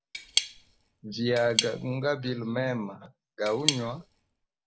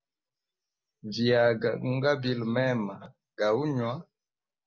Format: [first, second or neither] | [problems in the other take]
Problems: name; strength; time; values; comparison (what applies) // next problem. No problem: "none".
second | background sound (Cutlery, silverware / Tap); 2 dB below the speech